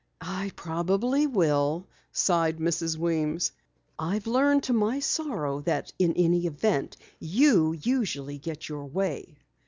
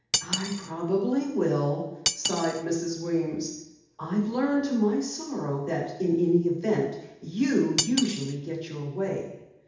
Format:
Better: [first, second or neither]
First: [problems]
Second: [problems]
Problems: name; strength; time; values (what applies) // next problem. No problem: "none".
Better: first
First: none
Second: background sound (Cutlery, silverware); 7 dB below the speech // room echo; dies away in 0.8 s